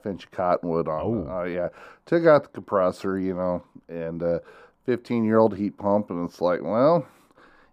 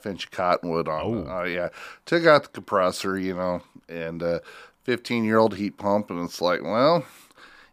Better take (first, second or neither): second